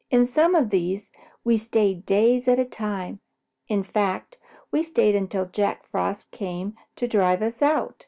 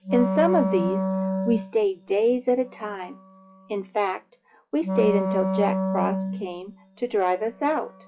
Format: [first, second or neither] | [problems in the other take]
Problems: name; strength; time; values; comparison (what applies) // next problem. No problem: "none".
first | noise reduction (classical method log-MMSE)